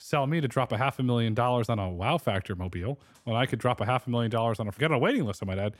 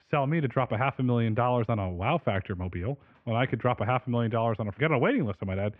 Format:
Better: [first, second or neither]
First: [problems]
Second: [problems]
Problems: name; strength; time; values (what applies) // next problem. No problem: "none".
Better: first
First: none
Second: muffled; very slightly; fading above 2.5 kHz